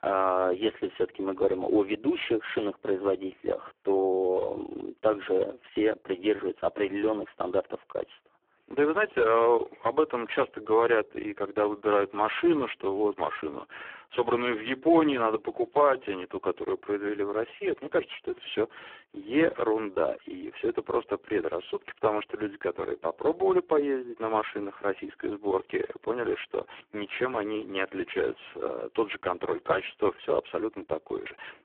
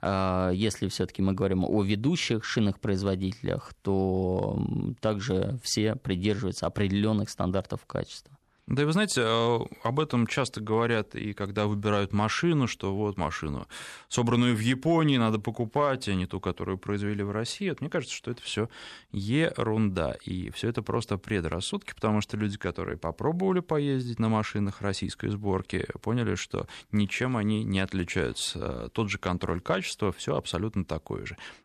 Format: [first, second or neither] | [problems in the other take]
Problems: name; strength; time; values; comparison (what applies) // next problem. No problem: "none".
second | phone-call audio; poor line